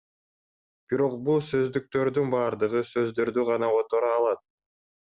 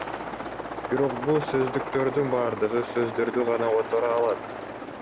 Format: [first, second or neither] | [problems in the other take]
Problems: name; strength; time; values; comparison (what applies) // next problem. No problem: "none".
first | background sound (Aircraft); 7 dB below the speech